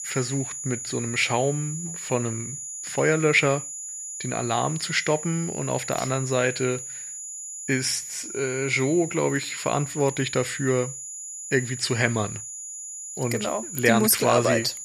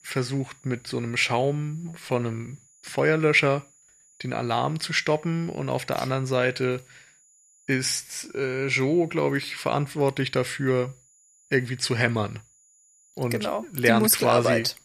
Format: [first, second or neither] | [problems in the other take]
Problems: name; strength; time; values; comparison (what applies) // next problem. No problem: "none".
second | high-pitched whine; loud; throughout; 7 kHz, 8 dB below the speech; faint in the second